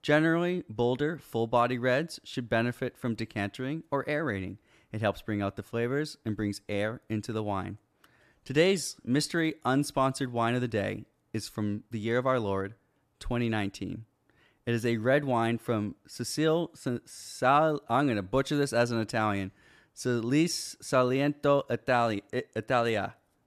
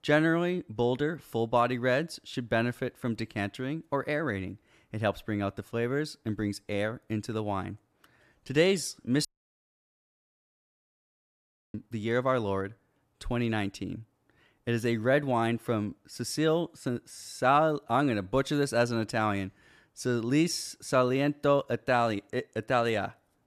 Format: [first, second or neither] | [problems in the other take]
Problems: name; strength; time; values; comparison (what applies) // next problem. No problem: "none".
first | audio cutting out; at 9.5 s for 2.5 s